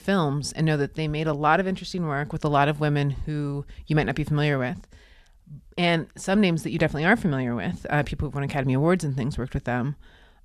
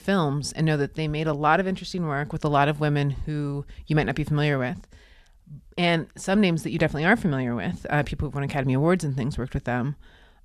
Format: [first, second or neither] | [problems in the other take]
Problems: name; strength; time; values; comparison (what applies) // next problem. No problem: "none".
neither | none